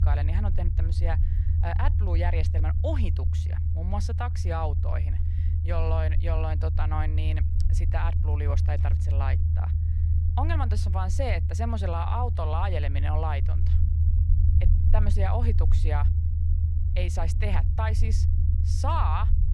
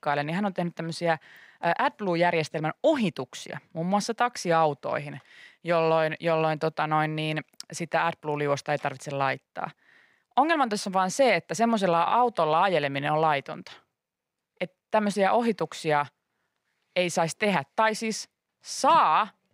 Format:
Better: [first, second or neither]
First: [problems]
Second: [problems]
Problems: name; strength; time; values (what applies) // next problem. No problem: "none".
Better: second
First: low rumble; loud; throughout; 8 dB below the speech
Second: none